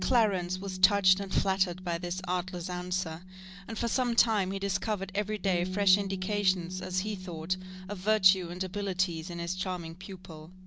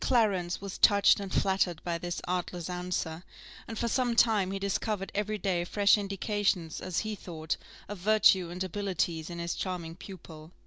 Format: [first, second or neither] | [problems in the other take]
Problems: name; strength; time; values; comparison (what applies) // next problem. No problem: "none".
second | background sound (Bass guitar); 10 dB below the speech